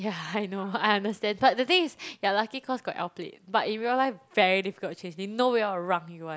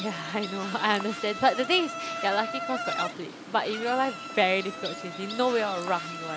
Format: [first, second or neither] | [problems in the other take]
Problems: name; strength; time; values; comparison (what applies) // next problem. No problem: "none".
first | background sound (Insect); 7 dB below the speech